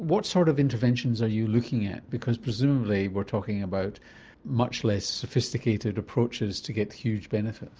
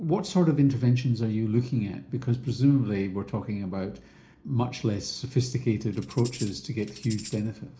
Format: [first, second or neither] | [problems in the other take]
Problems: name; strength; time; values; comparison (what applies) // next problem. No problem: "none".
first | background sound (Tambourine); 18 dB below the speech // room echo; dies away in 0.4 s